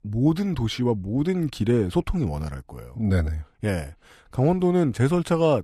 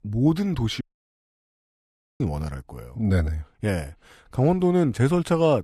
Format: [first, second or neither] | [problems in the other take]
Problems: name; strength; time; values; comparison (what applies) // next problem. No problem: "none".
first | audio cutting out; at 1 s for 1.5 s